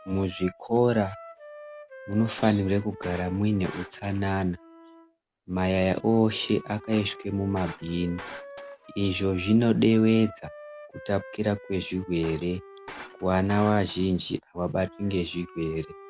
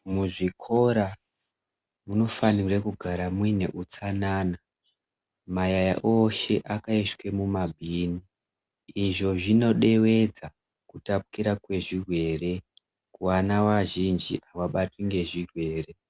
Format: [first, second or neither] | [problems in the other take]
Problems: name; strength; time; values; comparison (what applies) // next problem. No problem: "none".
second | background sound (Shatter + Wind instrument, woodwind instrument); 18 dB below the speech